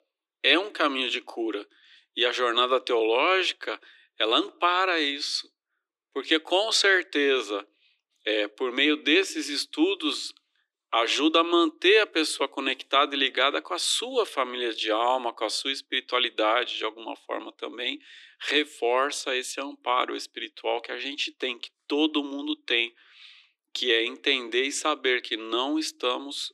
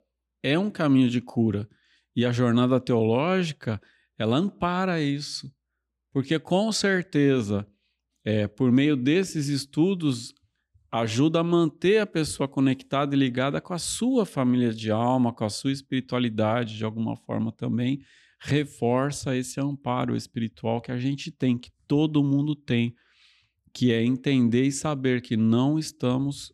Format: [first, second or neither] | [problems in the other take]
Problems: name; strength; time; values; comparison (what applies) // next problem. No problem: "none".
second | thin; very; fading below 300 Hz